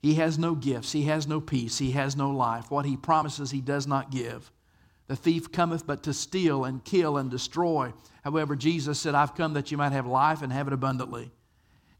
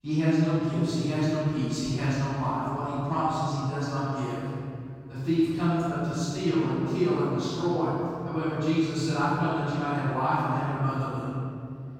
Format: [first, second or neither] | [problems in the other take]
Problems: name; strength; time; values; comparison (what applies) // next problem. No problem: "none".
first | off-mic speech; far // room echo; strong; dies away in 2.9 s